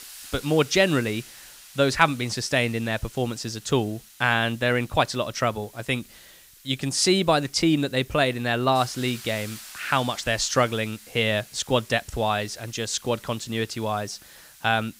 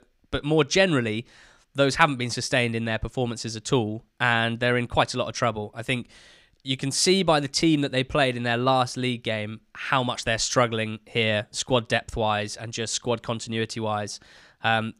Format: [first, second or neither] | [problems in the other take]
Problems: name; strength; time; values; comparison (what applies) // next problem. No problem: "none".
second | hiss; noticeable; throughout; 20 dB below the speech